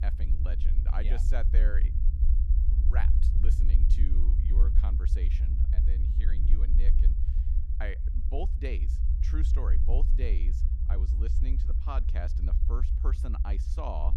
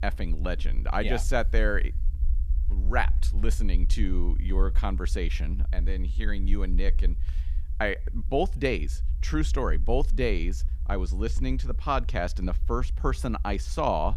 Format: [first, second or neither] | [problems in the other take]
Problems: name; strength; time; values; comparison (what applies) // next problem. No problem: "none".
second | low rumble; loud; throughout; 5 dB below the speech; faint in the second